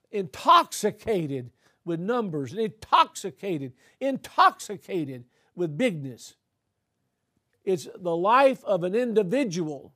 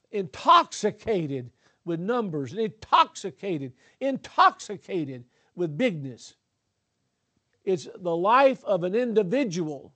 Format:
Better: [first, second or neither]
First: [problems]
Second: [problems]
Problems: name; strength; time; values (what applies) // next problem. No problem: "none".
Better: first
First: none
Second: garbled, watery; slightly; nothing above 8 kHz